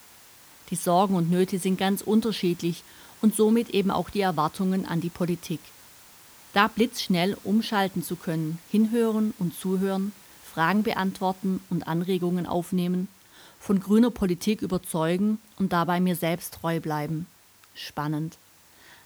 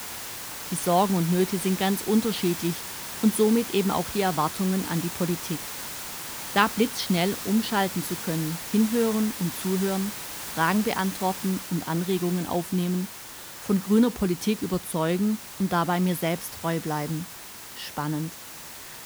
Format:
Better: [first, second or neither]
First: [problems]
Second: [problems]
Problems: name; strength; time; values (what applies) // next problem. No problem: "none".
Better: first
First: hiss; faint; throughout; 25 dB below the speech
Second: hiss; loud; throughout; 8 dB below the speech